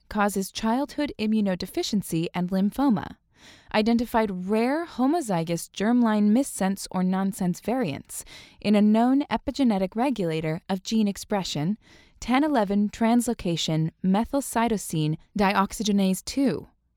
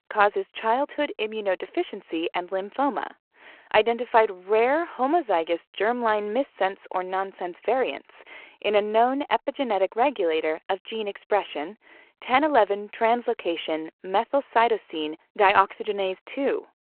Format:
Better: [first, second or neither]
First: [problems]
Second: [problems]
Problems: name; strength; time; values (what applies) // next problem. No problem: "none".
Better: first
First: none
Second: phone-call audio